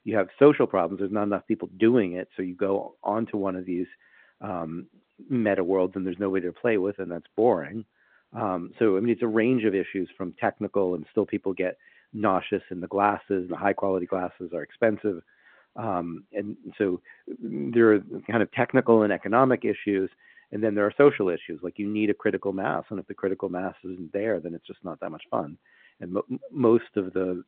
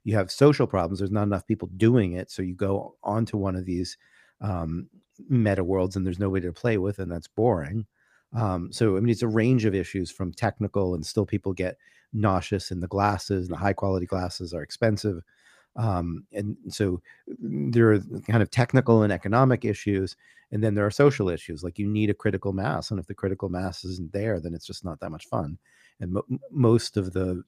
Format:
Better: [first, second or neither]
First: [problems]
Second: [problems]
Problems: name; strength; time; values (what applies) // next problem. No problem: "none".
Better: second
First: phone-call audio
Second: none